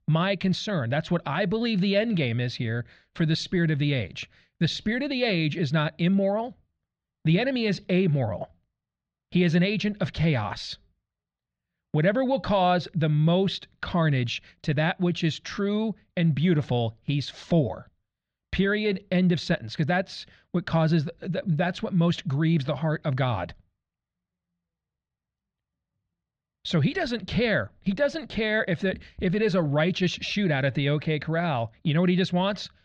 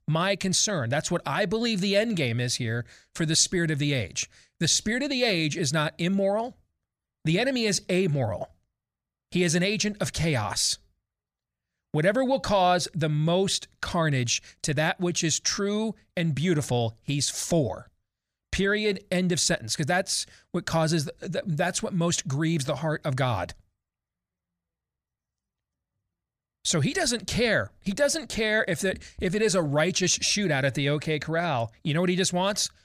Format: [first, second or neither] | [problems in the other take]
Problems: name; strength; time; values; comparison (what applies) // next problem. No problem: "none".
second | muffled; slightly; fading above 3.5 kHz